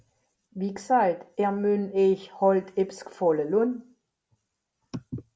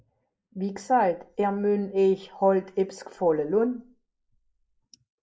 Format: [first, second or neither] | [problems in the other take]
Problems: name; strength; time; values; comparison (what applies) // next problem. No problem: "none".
first | noise reduction (neural mask model Resemble Enhance denoiser)